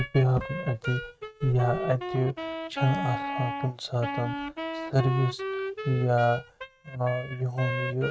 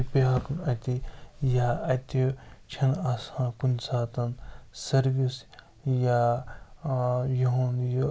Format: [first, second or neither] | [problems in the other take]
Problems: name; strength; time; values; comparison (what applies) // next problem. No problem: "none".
second | noise reduction (neural mask model RNNoise)